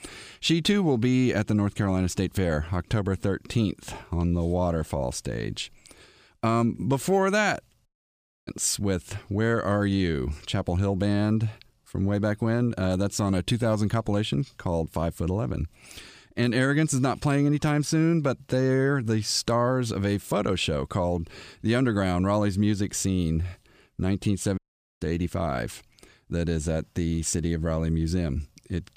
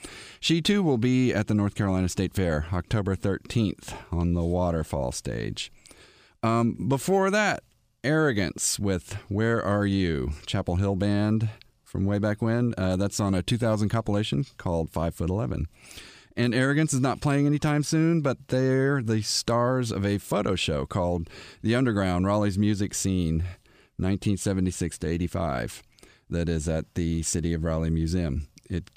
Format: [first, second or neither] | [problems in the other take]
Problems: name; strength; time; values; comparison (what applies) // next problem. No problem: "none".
second | audio cutting out; at 8 s for 0.5 s and at 25 s